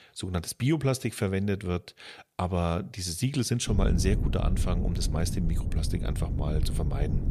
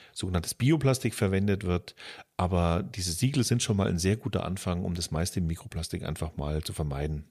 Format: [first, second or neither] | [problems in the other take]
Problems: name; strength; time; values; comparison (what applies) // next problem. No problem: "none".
second | low rumble; loud; from 3.5 s on; 10 dB below the speech